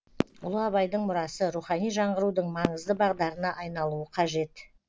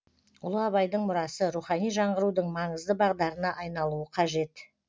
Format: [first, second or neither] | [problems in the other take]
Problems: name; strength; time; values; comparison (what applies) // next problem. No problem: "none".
second | background sound (Fireworks); 11 dB below the speech